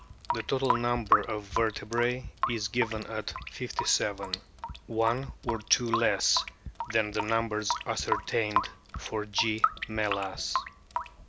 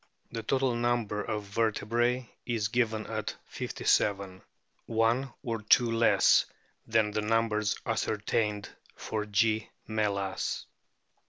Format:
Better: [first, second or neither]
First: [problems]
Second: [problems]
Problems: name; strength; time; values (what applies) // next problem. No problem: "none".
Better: second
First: background sound (Drip / Sink (filling or washing) / Water tap, faucet); 3 dB below the speech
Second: none